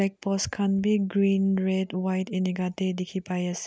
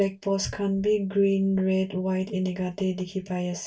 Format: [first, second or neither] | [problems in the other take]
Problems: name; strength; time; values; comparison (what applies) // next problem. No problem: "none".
first | room echo; dies away in 0.2 s